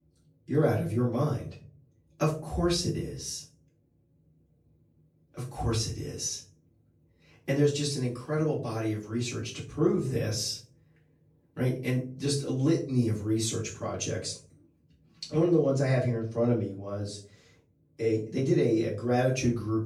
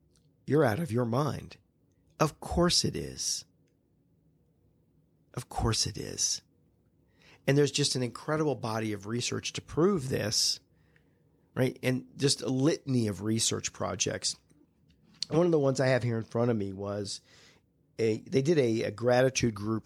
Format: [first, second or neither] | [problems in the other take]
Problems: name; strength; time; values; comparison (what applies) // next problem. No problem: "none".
second | off-mic speech; far // room echo; slight; dies away in 0.4 s